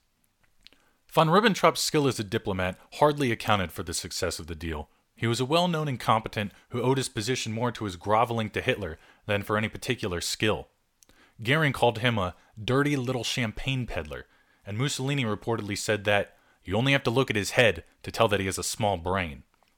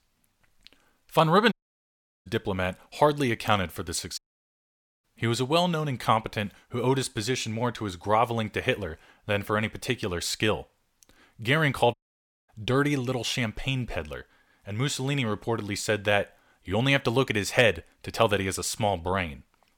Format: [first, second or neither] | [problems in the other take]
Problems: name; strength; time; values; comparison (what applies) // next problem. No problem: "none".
first | audio cutting out; at 1.5 s for 0.5 s, at 4 s for 1 s and at 12 s for 0.5 s